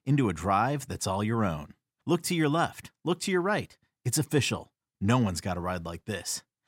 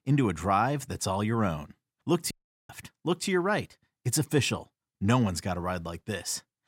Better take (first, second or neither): first